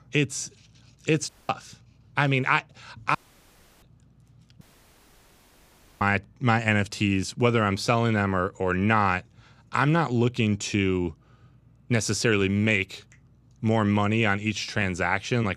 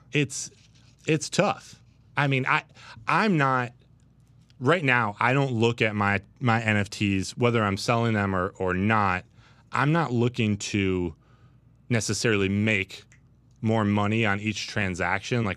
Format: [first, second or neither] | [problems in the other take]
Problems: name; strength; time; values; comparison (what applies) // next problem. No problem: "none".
second | audio cutting out; at 1.5 s, at 3 s for 0.5 s and at 4.5 s for 1.5 s